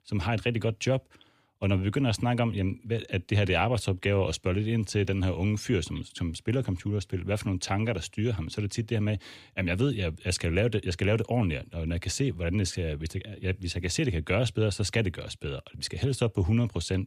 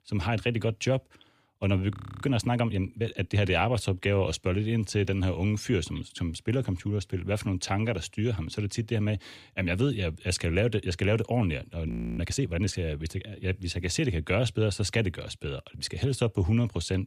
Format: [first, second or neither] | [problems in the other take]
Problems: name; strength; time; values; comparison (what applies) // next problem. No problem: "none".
first | audio freezing; at 2 s and at 12 s